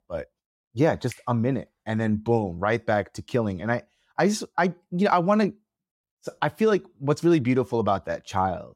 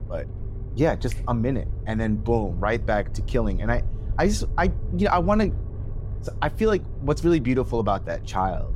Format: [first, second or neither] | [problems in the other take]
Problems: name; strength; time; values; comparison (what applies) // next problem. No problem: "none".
first | low rumble; faint; throughout; 20 dB below the speech